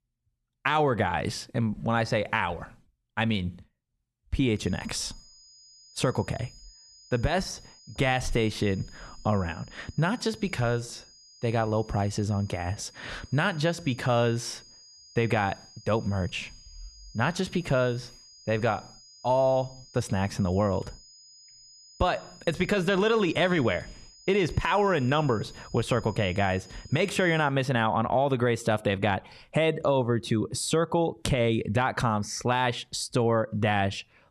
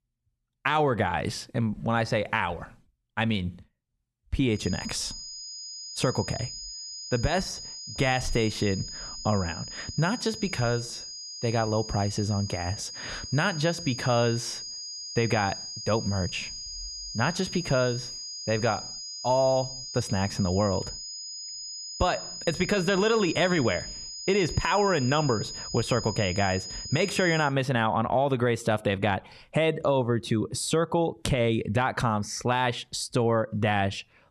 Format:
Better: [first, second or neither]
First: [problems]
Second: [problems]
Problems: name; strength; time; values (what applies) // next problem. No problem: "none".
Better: first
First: high-pitched whine; faint; from 4.5 to 27 s; 5 kHz, 25 dB below the speech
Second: high-pitched whine; loud; from 4.5 to 27 s; 5 kHz, 9 dB below the speech